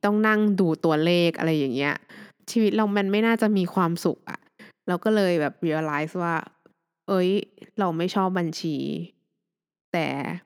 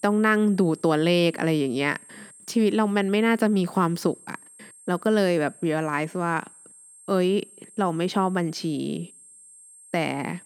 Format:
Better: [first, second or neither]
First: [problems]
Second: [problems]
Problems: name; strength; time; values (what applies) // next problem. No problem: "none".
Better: first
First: none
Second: high-pitched whine; faint; throughout; 8.5 kHz, 20 dB below the speech